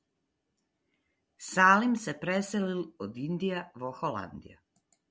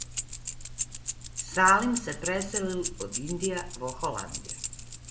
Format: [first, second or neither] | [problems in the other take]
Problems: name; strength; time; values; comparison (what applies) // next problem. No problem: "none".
first | background sound (Keys jangling); 5 dB below the speech // room echo; dies away in 0.5 s